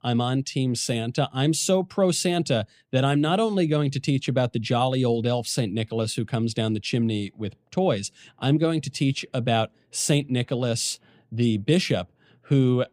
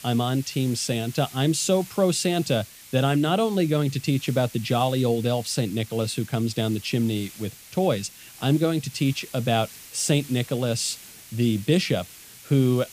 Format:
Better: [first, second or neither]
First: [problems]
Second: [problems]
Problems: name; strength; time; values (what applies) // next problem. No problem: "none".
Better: first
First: none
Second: hiss; noticeable; throughout; 20 dB below the speech